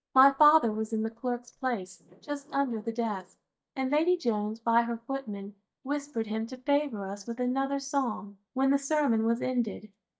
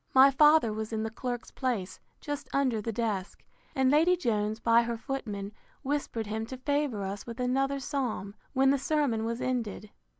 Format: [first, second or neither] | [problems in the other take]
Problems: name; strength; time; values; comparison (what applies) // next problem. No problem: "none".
second | noise reduction (neural mask model DeepFilterNet 3)